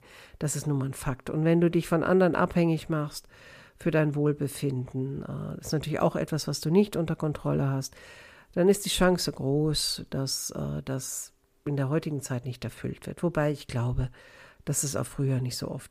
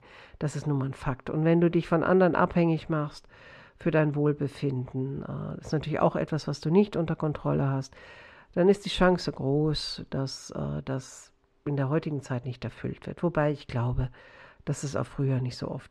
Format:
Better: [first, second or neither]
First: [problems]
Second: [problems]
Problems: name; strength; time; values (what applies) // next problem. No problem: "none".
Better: first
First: none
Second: muffled; slightly; fading above 4 kHz